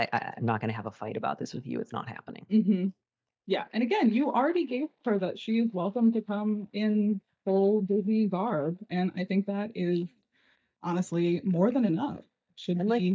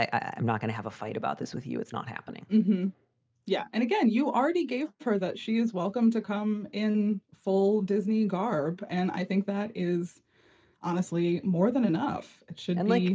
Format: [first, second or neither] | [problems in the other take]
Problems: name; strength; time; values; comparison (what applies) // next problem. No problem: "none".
second | noise reduction (neural mask model DeepFilterNet 3)